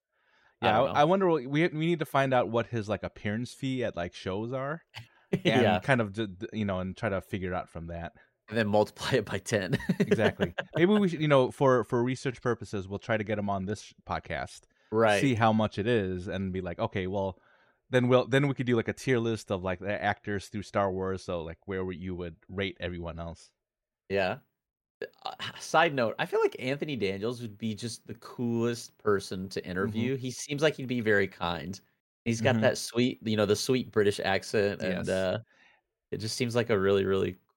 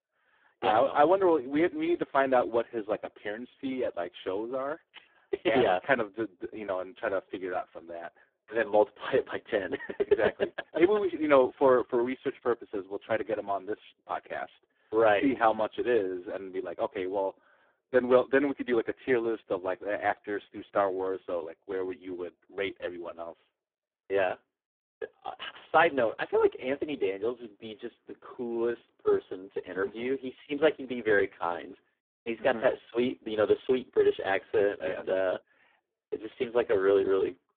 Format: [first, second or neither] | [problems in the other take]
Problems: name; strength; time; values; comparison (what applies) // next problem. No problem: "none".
first | phone-call audio; poor line